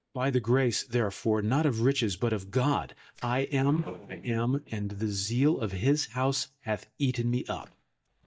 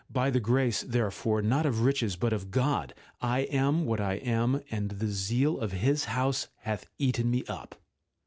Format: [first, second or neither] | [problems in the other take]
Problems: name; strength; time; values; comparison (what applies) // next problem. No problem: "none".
second | noise reduction (neural mask model DeepFilterNet 3)